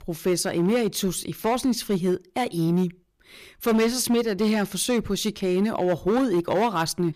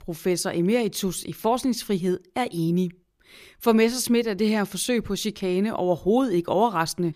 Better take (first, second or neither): second